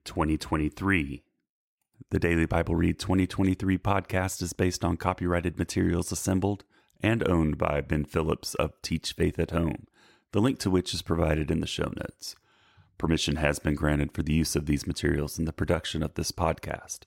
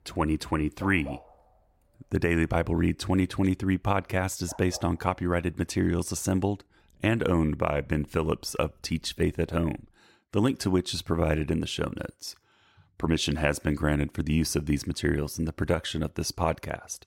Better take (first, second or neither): first